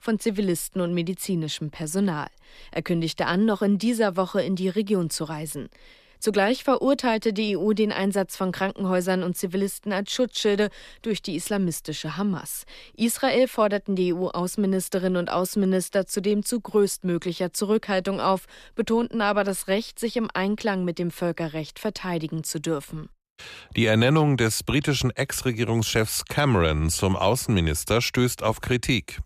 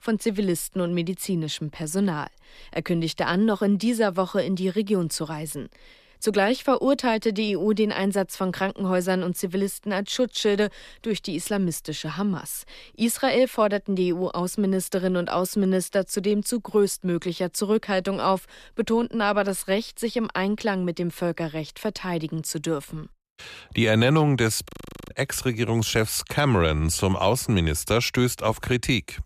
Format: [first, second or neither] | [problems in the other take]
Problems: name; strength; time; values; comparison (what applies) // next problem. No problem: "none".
first | audio freezing; at 25 s